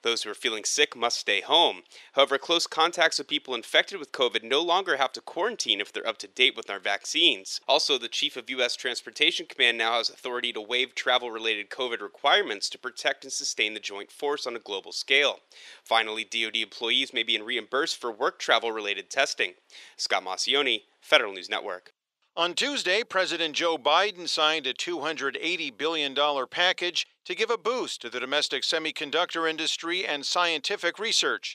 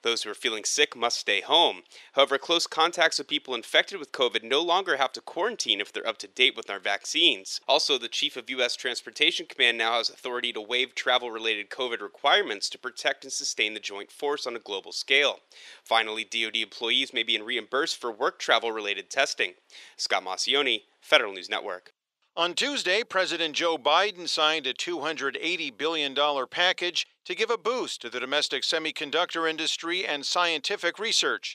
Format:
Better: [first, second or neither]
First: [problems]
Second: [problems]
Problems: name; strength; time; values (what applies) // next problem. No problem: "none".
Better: neither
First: thin; somewhat; fading below 400 Hz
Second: thin; somewhat; fading below 400 Hz